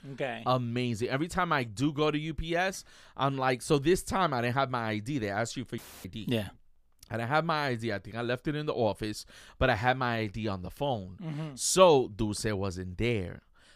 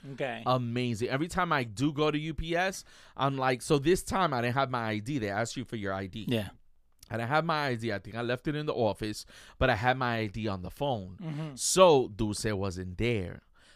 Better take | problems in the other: second | audio cutting out; filled with static; at 6 s

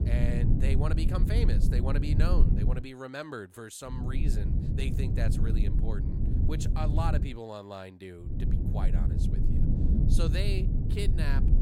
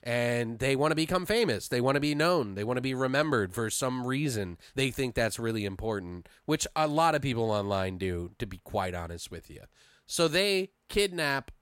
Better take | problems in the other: second | low rumble; loud; until 3 s, from 4 to 7.5 s and from 8.5 s on; 2 dB below the speech

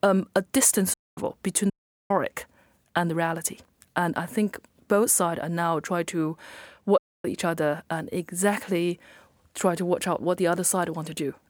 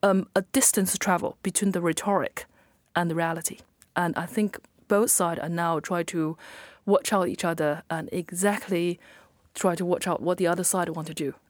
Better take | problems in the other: second | audio cutting out; at 1 s, at 1.5 s and at 7 s

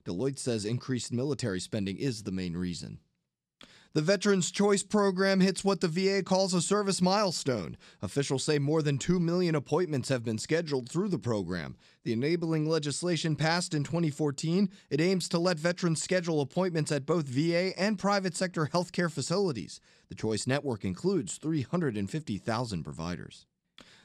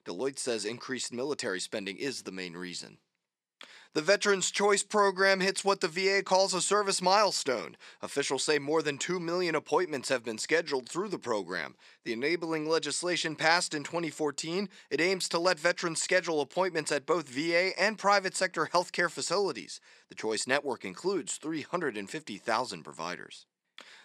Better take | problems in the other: first | thin; somewhat; fading below 400 Hz

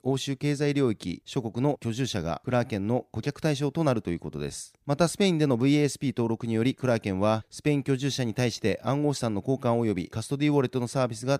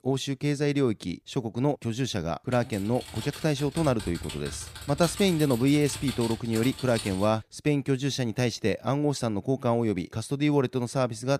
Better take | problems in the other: first | keyboard typing; noticeable; from 2.5 to 7.5 s; peak 8 dB below the speech

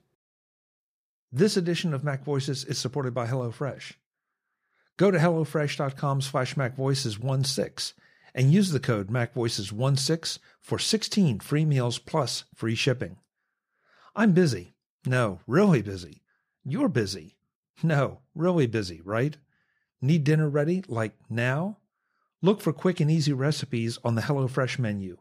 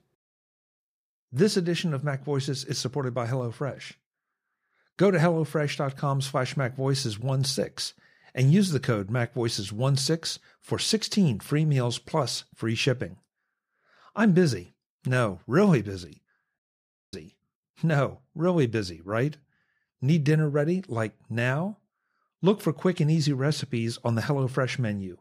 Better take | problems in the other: first | audio cutting out; at 17 s for 0.5 s

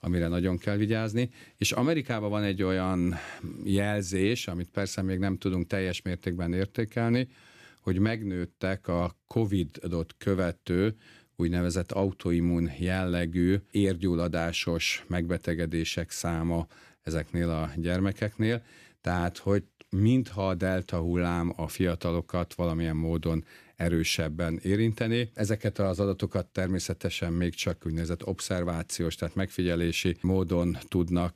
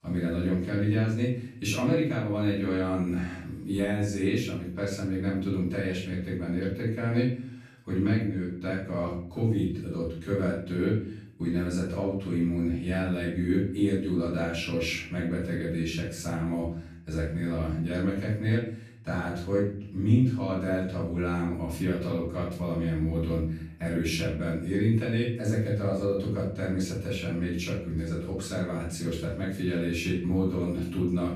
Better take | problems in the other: first | off-mic speech; far // room echo; noticeable; dies away in 0.6 s

